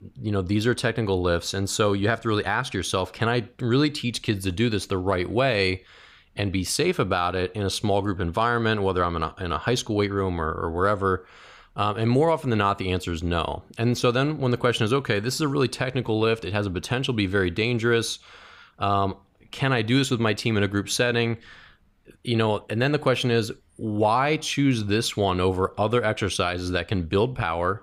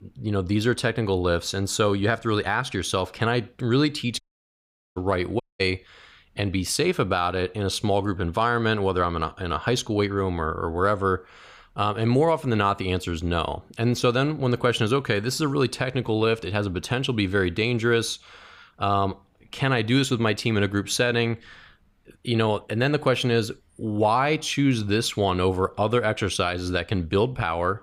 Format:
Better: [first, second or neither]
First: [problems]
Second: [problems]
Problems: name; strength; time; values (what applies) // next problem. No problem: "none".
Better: first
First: none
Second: audio cutting out; at 4 s for 1 s and at 5.5 s